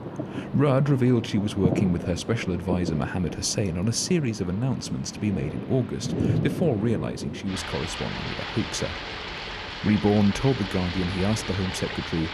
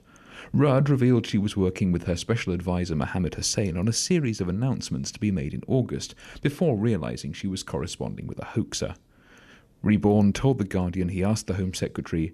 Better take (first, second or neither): second